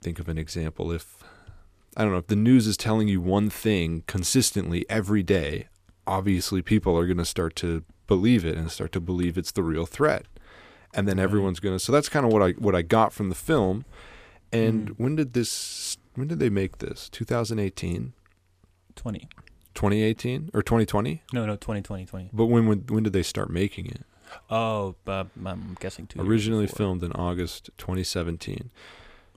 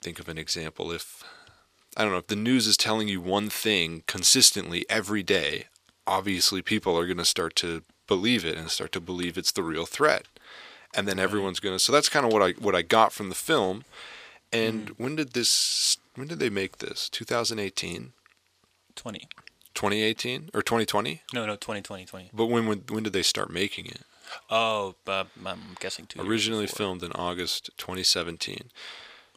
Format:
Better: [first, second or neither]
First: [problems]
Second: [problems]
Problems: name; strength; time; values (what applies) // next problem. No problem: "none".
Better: first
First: none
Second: thin; somewhat; fading below 650 Hz